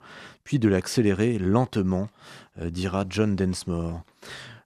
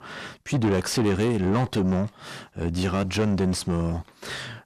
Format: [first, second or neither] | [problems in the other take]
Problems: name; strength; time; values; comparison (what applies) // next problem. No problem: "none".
first | distortion; heavy; 8 dB below the speech